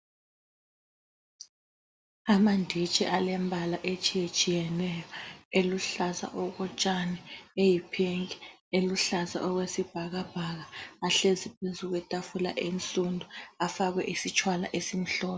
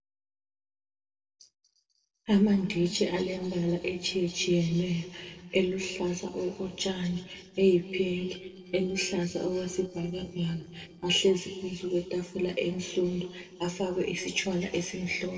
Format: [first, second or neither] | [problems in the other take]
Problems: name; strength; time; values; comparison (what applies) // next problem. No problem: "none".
first | noise reduction (neural separator model SepFormer DNS4)